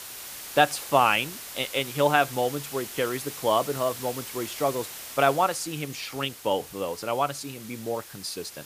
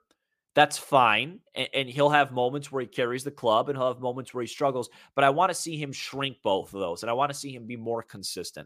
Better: second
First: hiss; noticeable; throughout; 10 dB below the speech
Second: none

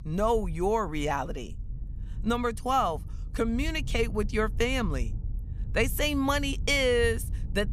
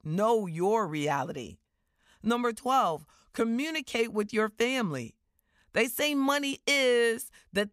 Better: second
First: low rumble; faint; throughout; 25 dB below the speech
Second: none

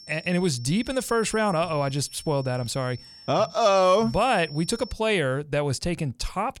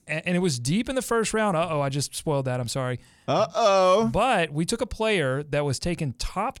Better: second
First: high-pitched whine; noticeable; until 5 s; 5.5 kHz, 20 dB below the speech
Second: none

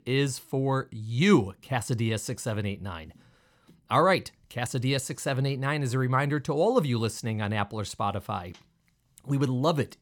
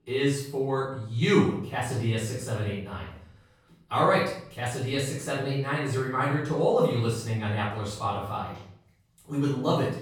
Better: first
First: none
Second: room echo; noticeable; dies away in 0.5 s // off-mic speech; far

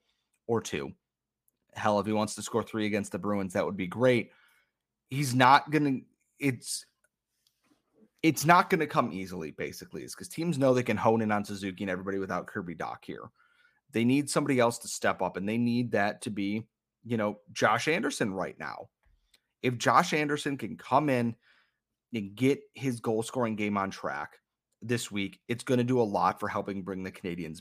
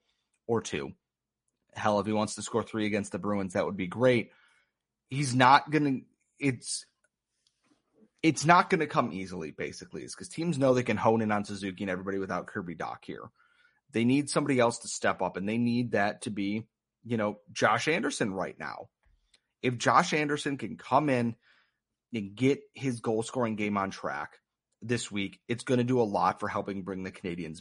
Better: first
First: none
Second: garbled, watery; slightly; nothing above 10.5 kHz

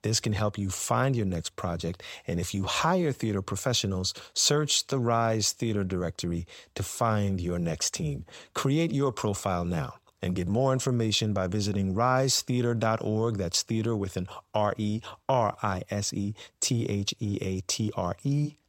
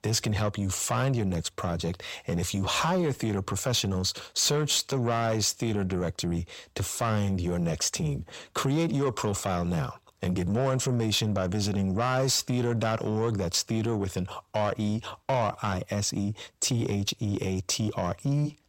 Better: first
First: none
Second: distortion; slight; 10 dB below the speech

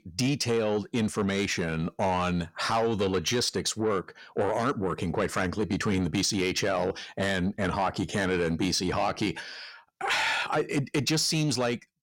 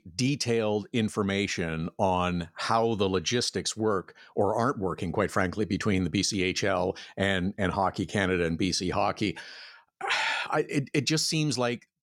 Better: second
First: distortion; slight; 10 dB below the speech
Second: none

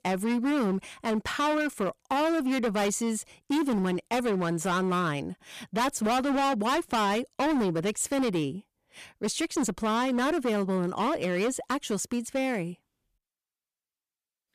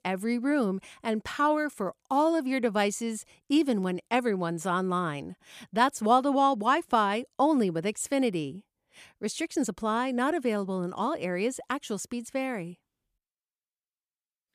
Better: second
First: distortion; heavy; 19% of the sound clipped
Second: none

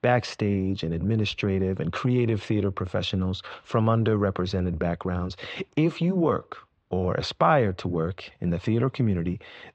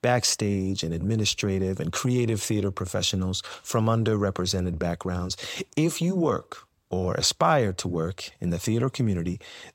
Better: second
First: muffled; slightly; fading above 3 kHz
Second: none

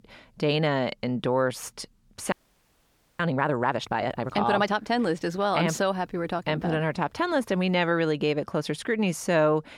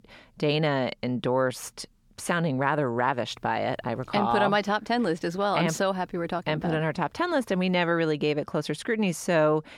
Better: second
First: audio freezing; at 2.5 s for 1 s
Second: none

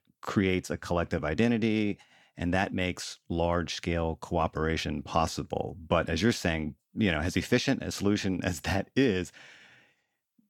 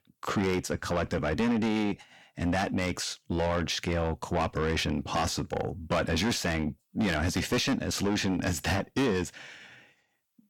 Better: first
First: none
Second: distortion; heavy; 6 dB below the speech

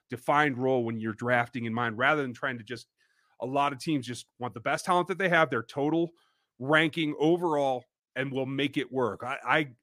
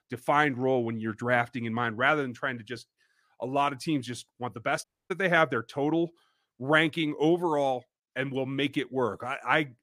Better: first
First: none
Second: audio cutting out; at 5 s

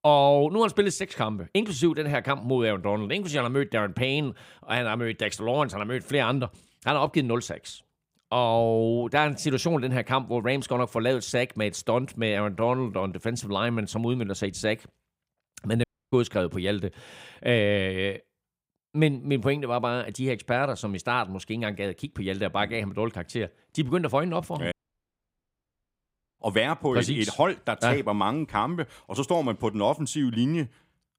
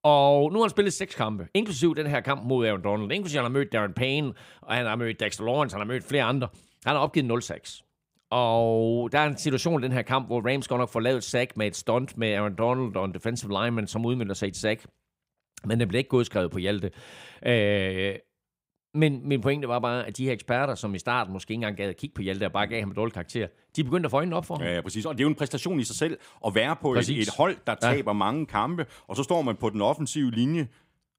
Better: second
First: audio cutting out; at 16 s and at 25 s for 1.5 s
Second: none

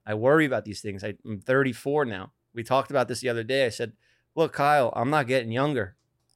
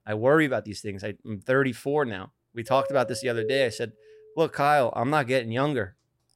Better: first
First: none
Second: doorbell; noticeable; from 2.5 to 3.5 s; peak 6 dB below the speech

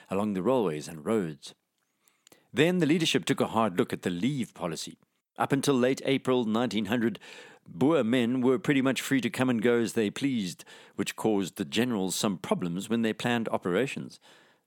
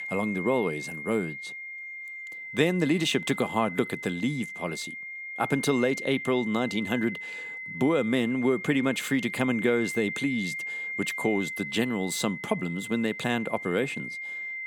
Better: first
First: none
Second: high-pitched whine; loud; throughout; 2 kHz, 7 dB below the speech

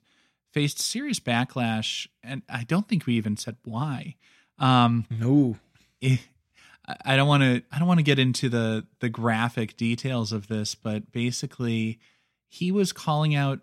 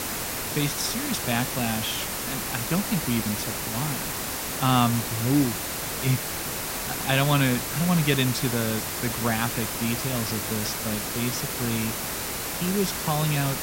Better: first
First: none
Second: hiss; loud; throughout; 1 dB below the speech

